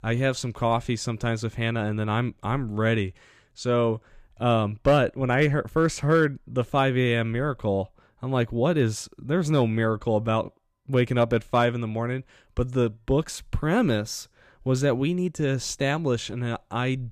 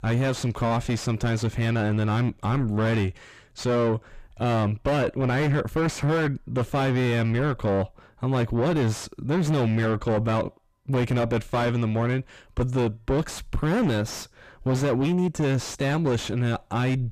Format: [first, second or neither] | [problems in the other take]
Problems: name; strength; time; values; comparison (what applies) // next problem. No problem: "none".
first | distortion; heavy; 6 dB below the speech